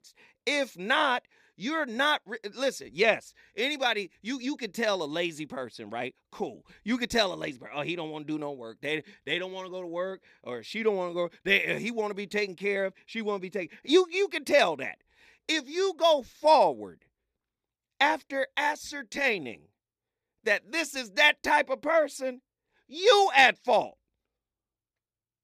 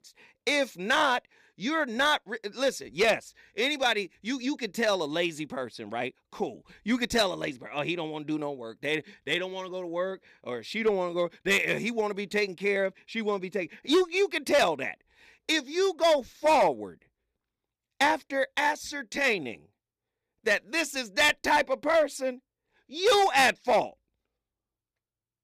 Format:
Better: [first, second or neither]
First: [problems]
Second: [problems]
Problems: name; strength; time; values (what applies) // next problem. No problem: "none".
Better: first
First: none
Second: distortion; slight; 3% of the sound clipped